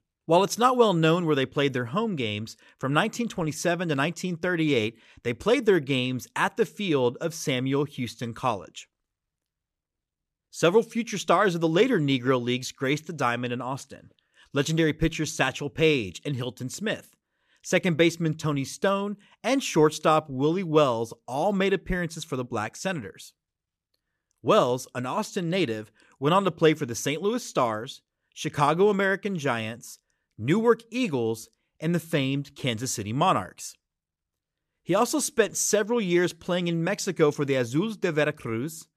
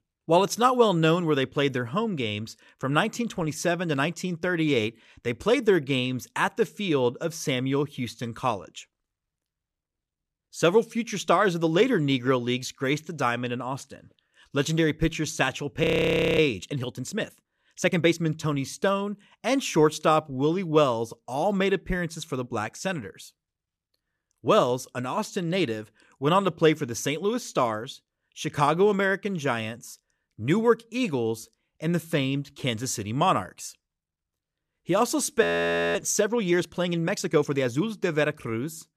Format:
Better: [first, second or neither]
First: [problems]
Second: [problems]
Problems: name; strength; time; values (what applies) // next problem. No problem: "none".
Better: first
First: none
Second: audio freezing; at 16 s for 0.5 s and at 35 s for 0.5 s